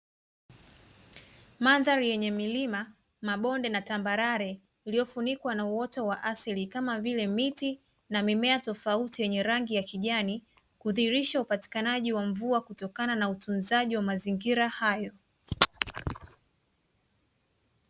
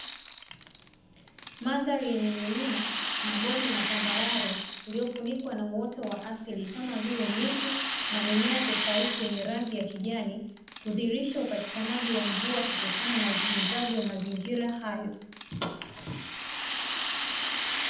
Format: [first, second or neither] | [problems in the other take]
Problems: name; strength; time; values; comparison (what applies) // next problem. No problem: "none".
first | background sound (Rattle); 2 dB below the speech // room echo; dies away in 0.8 s